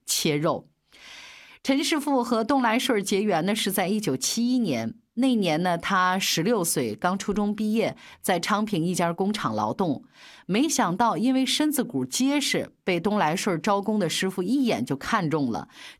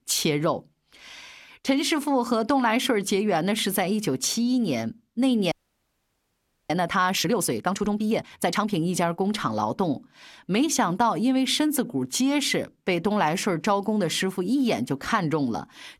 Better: first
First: none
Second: audio freezing; at 5.5 s for 1 s

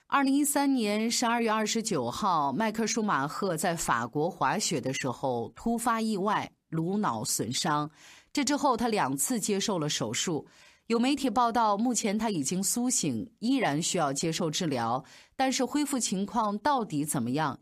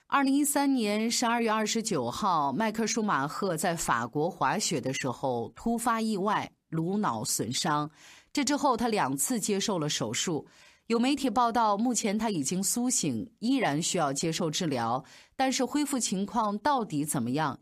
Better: neither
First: none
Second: none

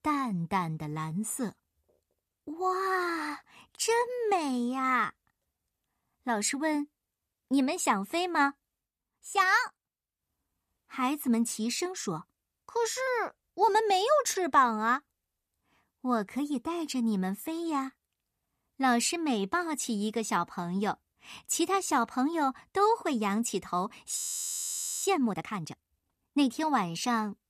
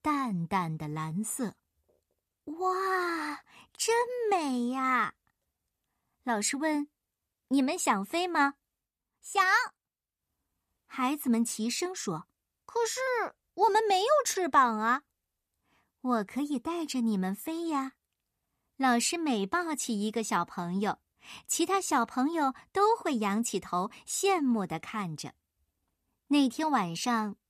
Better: second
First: audio freezing; at 24 s for 1 s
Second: none

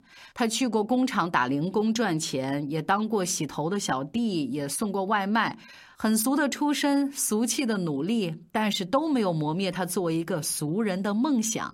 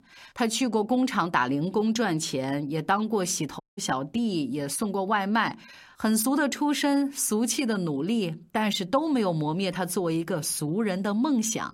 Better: first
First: none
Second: audio cutting out; at 3.5 s

